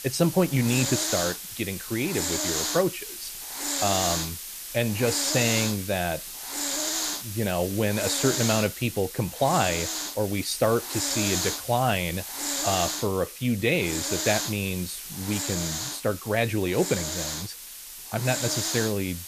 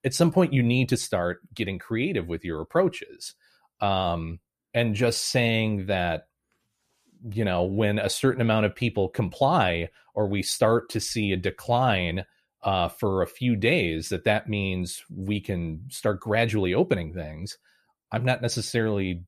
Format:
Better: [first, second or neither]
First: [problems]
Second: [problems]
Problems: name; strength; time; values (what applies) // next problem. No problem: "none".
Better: second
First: hiss; loud; throughout; 2 dB below the speech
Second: none